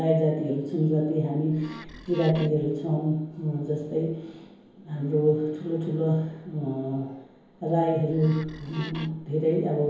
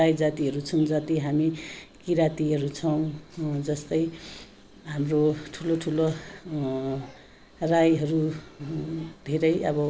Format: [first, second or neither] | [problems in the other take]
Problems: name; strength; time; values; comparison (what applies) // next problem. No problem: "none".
second | background sound (Wood); 16 dB below the speech // room echo; dies away in 1 s